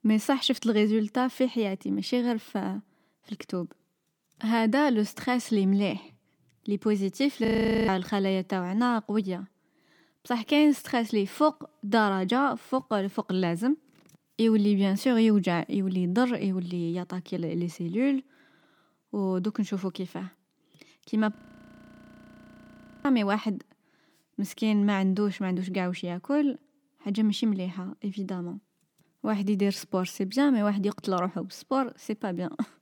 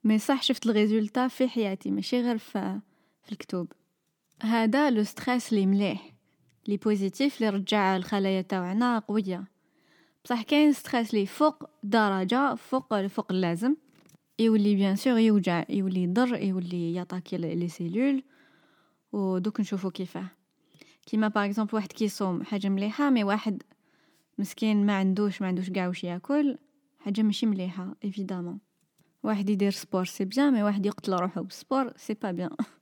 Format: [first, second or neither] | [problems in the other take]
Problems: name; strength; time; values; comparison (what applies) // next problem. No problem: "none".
second | audio freezing; at 7.5 s and at 21 s for 1.5 s